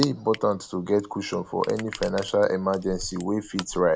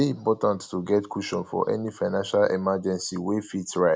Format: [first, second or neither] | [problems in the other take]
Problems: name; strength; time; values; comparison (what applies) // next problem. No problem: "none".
second | background sound (Crushing); 15 dB below the speech